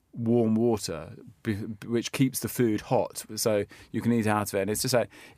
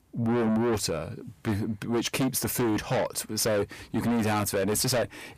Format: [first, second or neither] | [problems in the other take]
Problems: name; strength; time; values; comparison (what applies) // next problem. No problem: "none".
first | distortion; heavy; 5 dB below the speech